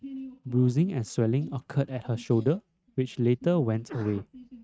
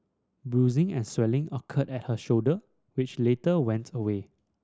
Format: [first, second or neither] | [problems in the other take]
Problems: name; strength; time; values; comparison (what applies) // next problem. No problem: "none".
second | noise reduction (neural mask model RNNoise)